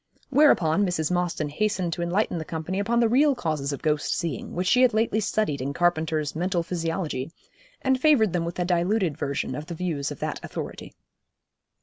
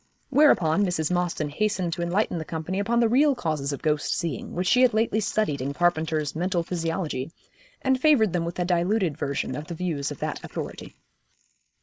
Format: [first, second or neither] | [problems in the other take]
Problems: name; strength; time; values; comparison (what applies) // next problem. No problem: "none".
first | noise reduction (neural mask model Resemble Enhance denoiser)